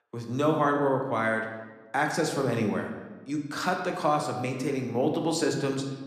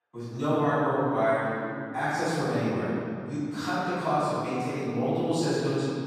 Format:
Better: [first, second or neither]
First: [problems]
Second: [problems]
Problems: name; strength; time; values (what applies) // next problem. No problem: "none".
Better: first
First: room echo; slight; dies away in 0.9 s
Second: room echo; strong; dies away in 2.7 s // off-mic speech; far